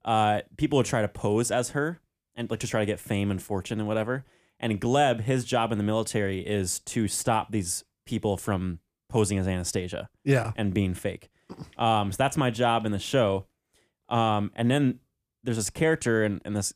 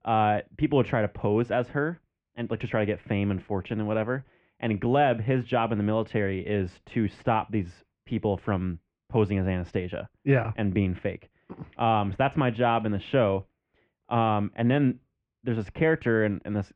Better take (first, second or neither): first